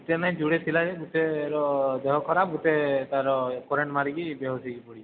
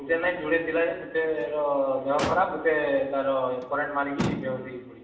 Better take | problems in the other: first | background sound (Motor vehicle (road)); 11 dB below the speech // room echo; dies away in 0.8 s

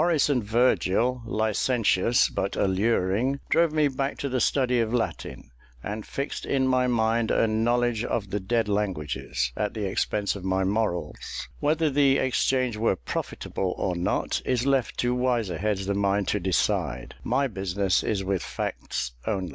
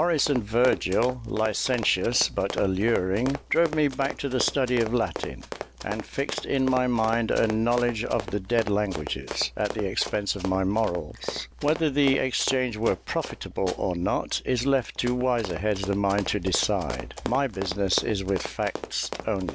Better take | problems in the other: first | background sound (Run); 12 dB below the speech

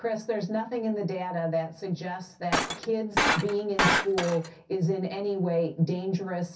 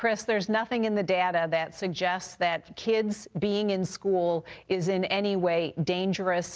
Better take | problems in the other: second | background sound (Shatter); 1 dB above the speech // room echo; dies away in 0.3 s

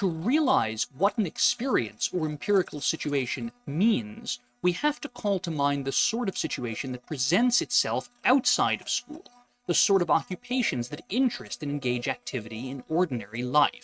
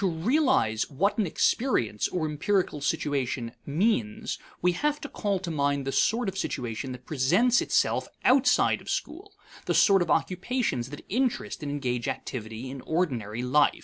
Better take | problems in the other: second | noise reduction (neural mask model RNNoise)

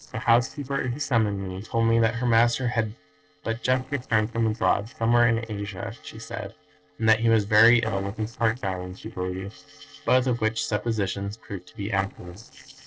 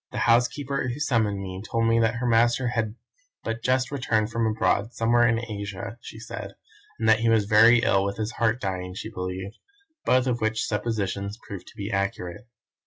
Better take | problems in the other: second | noise reduction (neural separator model SepFormer DNS4)

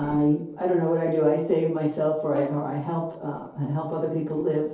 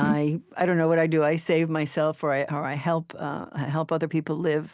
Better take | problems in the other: second | noise reduction (neural separator model SepFormer DNS4)

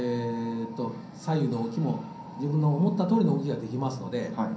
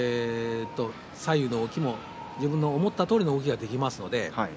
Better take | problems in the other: second | room echo; dies away in 0.6 s

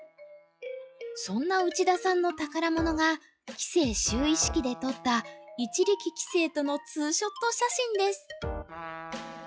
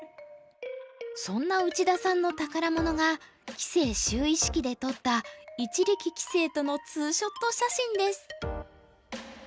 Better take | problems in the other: second | noise reduction (classical method log-MMSE)

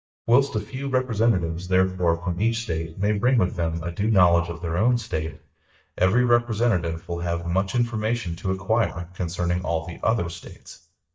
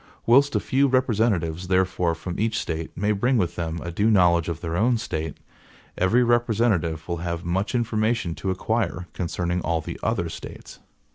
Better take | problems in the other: second | noise reduction (neural mask model DeepFilterNet 3)

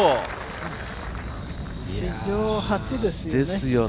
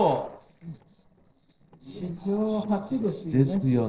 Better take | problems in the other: first | noise reduction (neural separator model SepFormer DNS4)

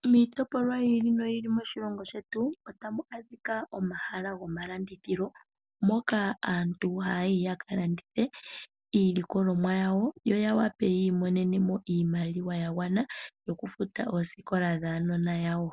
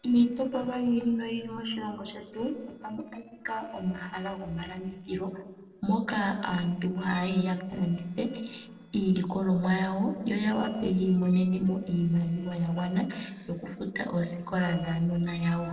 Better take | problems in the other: first | noise reduction (neural separator model SepFormer DNS4)

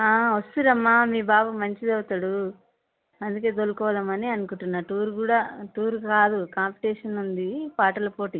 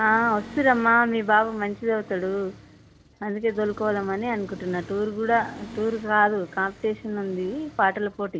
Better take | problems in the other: first | background sound (Accelerating, revving, vroom); 19 dB below the speech

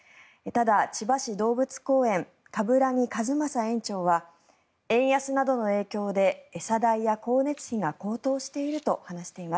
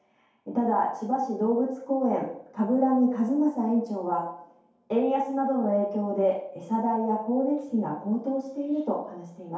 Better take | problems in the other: first | room echo; dies away in 2.4 s

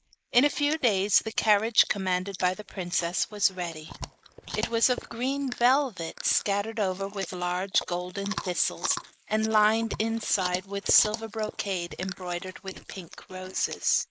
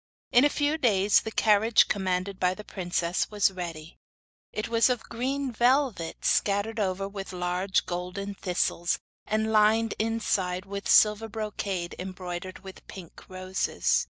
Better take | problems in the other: second | noise reduction (neural mask model Resemble Enhance denoiser)

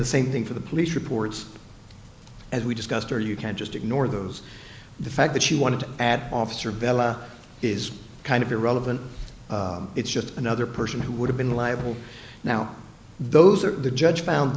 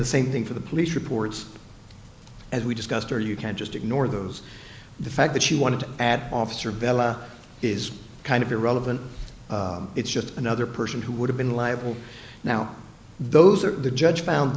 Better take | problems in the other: second | background sound (Knock); 11 dB below the speech

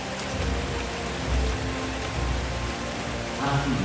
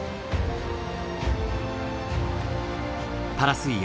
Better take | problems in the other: second | background sound (Rain); 6 dB below the speech // room echo; dies away in 1.1 s

